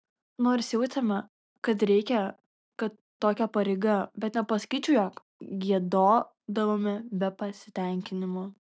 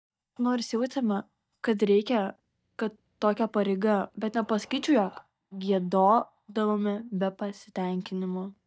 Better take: first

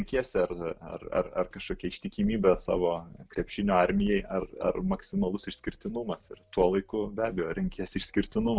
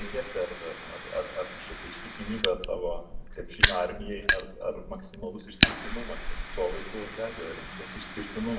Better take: first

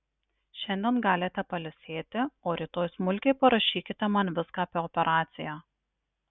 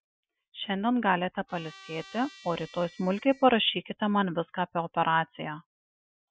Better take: first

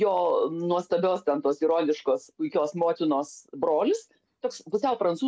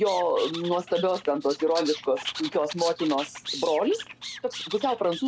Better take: first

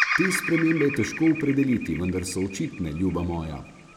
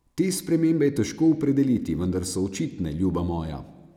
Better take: second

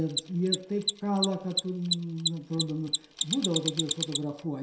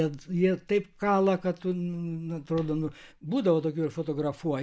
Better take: second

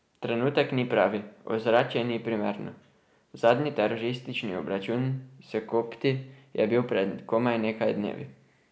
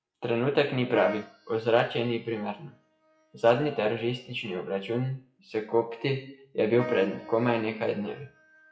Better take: first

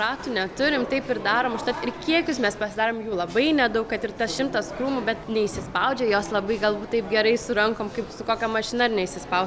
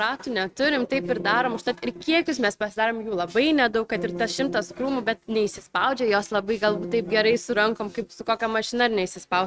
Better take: first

